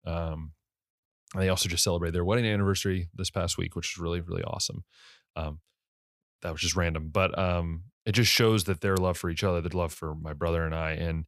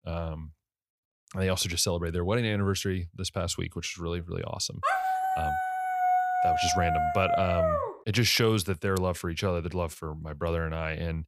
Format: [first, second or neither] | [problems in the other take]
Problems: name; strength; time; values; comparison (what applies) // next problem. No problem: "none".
first | dog barking; loud; from 5 to 8 s; peak 4 dB above the speech